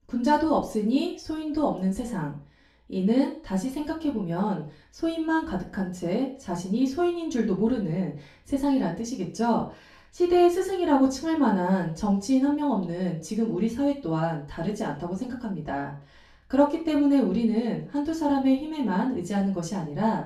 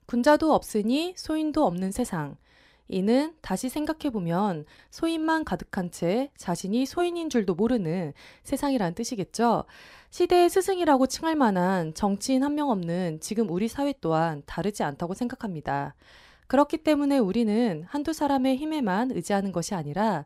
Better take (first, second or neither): second